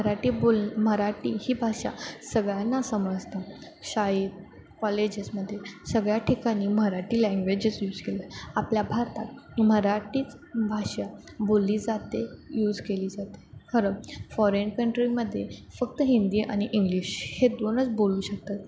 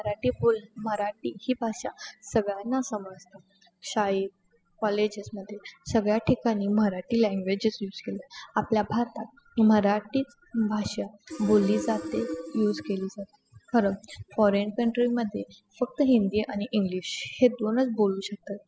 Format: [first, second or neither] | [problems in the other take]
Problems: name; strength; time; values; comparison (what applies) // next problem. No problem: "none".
first | noise reduction (classical method spectral subtraction)